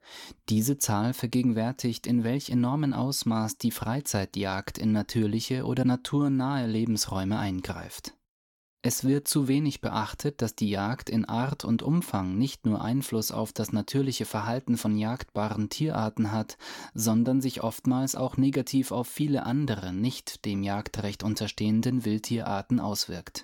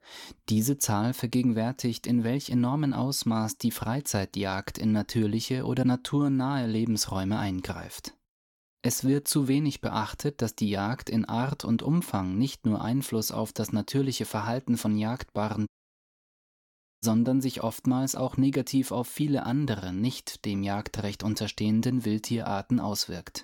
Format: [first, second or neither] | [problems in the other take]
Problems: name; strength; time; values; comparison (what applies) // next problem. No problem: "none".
first | audio cutting out; at 16 s for 1.5 s